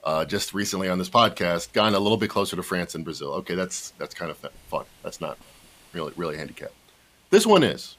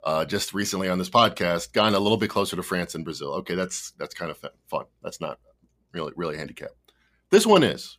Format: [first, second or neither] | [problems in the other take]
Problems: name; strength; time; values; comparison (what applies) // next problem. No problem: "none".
second | hiss; faint; throughout; 30 dB below the speech